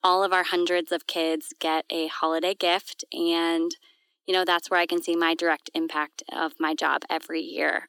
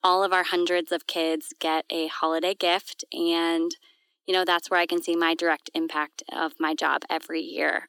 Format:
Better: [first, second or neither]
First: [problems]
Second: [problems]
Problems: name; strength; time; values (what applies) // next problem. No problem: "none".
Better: neither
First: thin; very; fading below 300 Hz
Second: thin; very; fading below 300 Hz